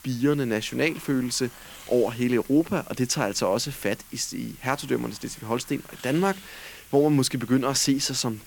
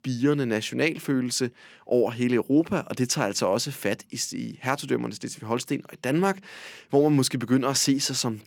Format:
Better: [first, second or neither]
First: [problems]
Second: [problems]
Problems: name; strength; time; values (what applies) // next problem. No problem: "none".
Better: second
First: hiss; noticeable; throughout; 20 dB below the speech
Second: none